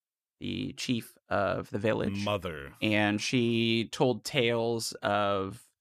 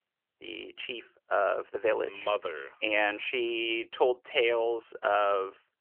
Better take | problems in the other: first | phone-call audio; nothing above 3 kHz

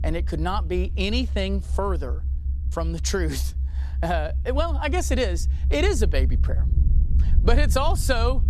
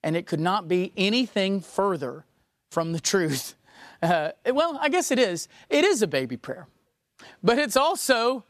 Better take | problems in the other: second | low rumble; noticeable; throughout; 15 dB below the speech

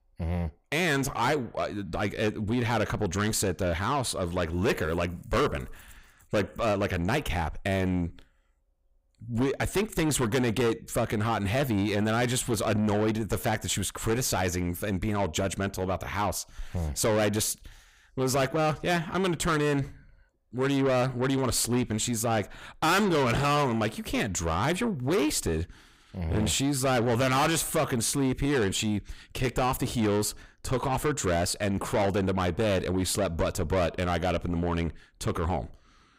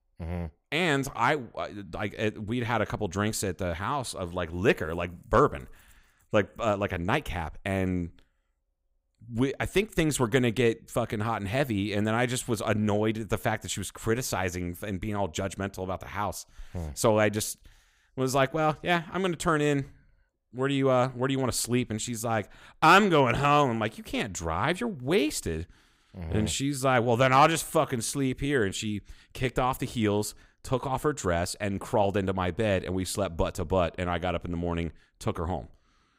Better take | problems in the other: second | distortion; heavy; 6 dB below the speech

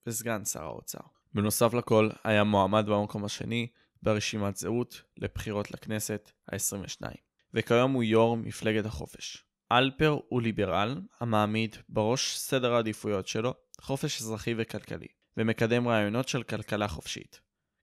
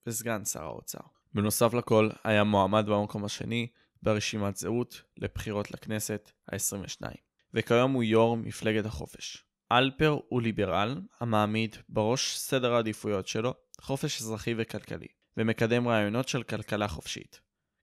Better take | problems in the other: neither | none

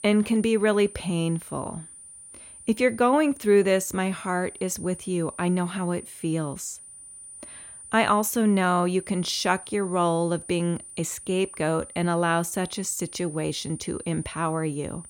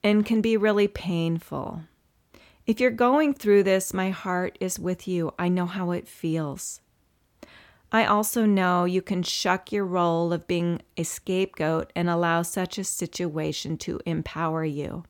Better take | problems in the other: second | high-pitched whine; noticeable; throughout; 9.5 kHz, 15 dB below the speech

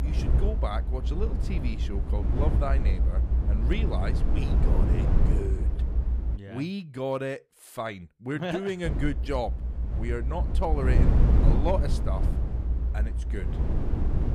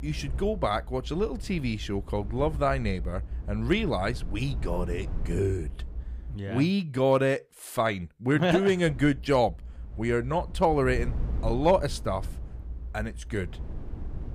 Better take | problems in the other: second | low rumble; loud; until 6.5 s and from 9 s on; 5 dB below the speech; faint in the second

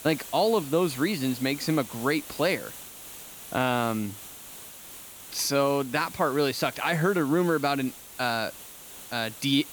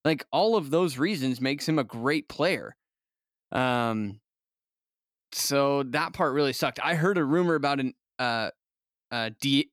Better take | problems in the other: second | hiss; noticeable; throughout; 15 dB below the speech

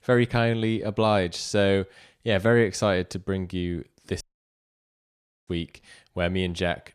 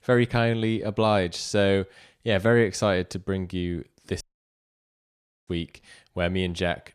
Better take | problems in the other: neither | audio cutting out; at 4 s for 1.5 s; the same in both

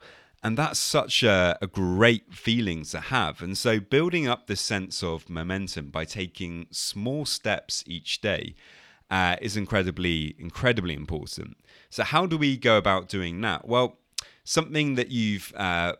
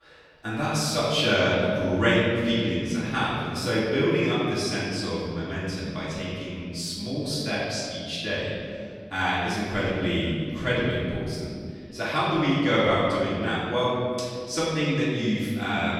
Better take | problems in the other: first | room echo; strong; dies away in 2.1 s // off-mic speech; far

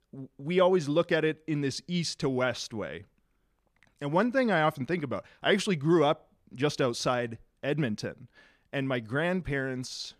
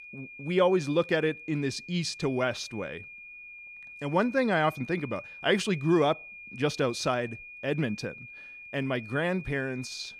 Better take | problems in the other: first | high-pitched whine; noticeable; throughout; 2.5 kHz, 15 dB below the speech

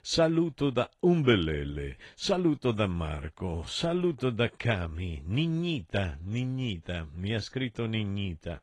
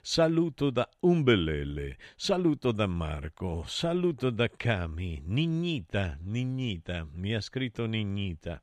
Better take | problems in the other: second | garbled, watery; slightly

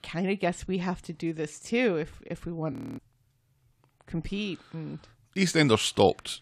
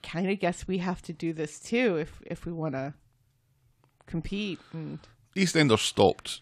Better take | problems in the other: second | audio freezing; at 2.5 s

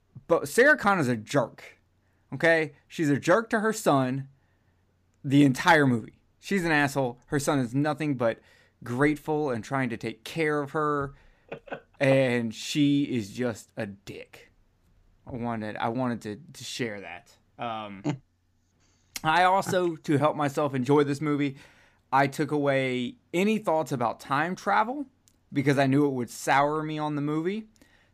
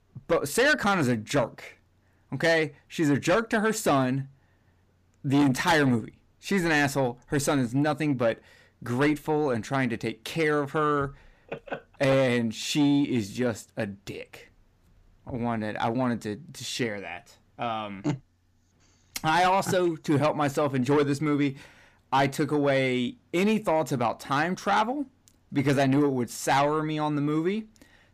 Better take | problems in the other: first | distortion; slight; 10 dB below the speech

